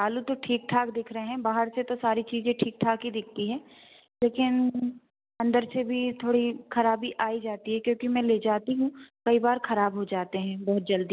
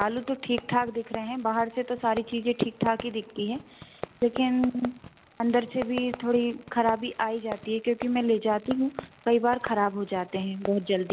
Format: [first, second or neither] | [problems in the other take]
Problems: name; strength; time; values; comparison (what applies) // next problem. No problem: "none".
first | background sound (Fireworks); 15 dB below the speech